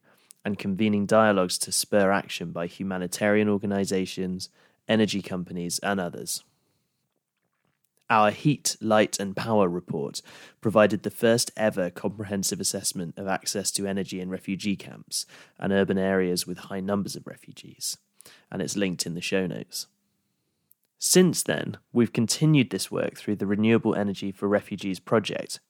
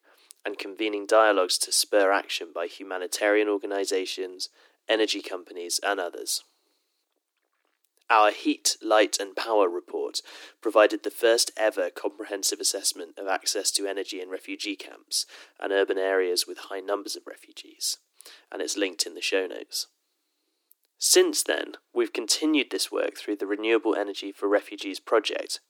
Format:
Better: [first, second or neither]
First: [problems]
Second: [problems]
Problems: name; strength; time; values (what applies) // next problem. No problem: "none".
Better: first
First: none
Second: thin; somewhat; fading below 300 Hz